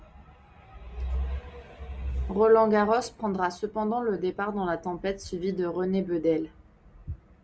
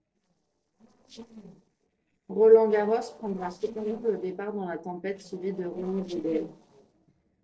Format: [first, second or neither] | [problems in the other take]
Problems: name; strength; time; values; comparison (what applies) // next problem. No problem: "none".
first | noise reduction (neural separator model SepFormer DNS4)